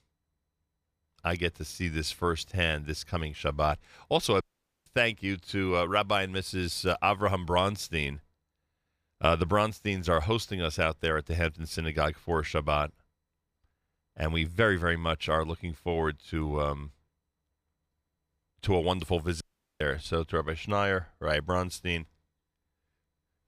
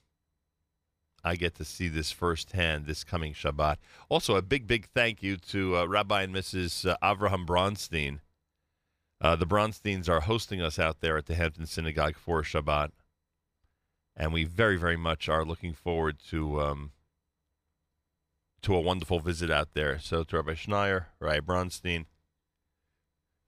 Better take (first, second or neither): second